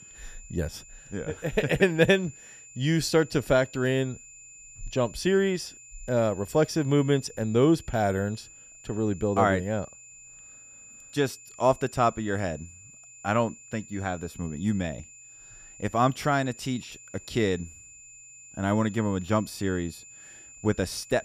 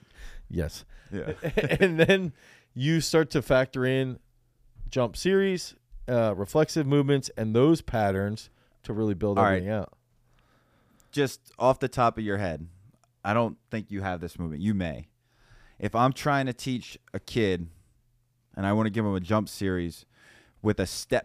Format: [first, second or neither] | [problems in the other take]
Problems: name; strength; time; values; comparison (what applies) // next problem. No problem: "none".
second | high-pitched whine; noticeable; throughout; 7 kHz, 20 dB below the speech